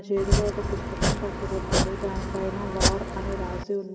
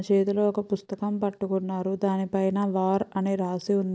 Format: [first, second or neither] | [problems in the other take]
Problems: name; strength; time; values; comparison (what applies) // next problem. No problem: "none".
second | background sound (Domestic sounds, home sounds); 4 dB above the speech // room echo; dies away in 1.6 s